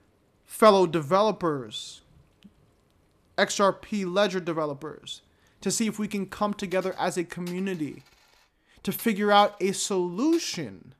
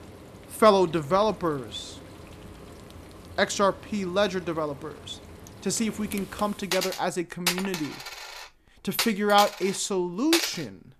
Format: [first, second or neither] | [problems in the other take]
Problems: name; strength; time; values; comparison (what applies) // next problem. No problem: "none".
first | household noises; loud; throughout; 7 dB below the speech; faint in the first